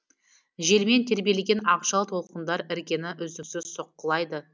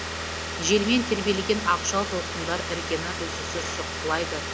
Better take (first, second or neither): first